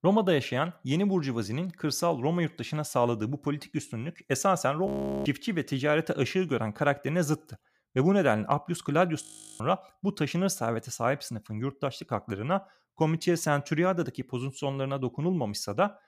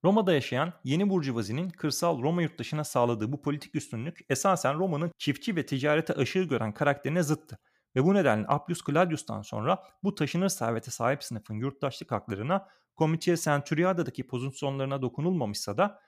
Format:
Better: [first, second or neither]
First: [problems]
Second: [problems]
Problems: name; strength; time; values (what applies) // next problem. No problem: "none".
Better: second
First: audio freezing; at 5 s and at 9 s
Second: none